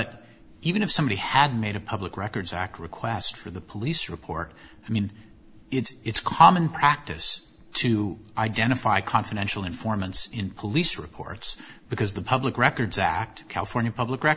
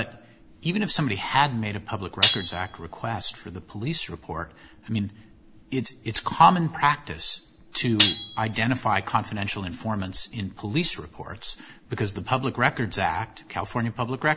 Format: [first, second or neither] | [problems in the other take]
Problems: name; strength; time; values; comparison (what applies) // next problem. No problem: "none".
first | background sound (Cutlery, silverware); 1 dB below the speech